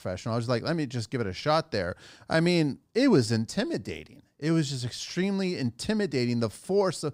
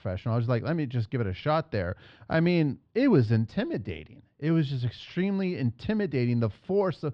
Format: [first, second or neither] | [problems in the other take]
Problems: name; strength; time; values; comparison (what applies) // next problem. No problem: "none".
first | muffled; slightly; fading above 3.5 kHz